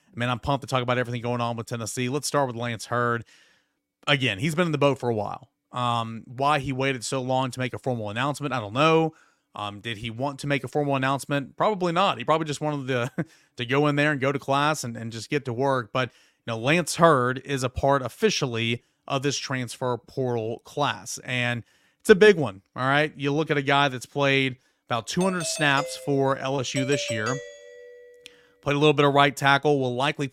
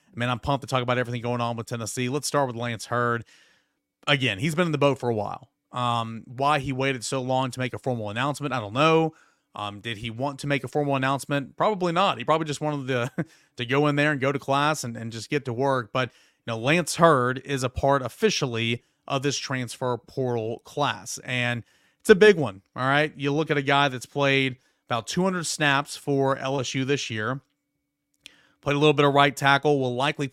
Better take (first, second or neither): second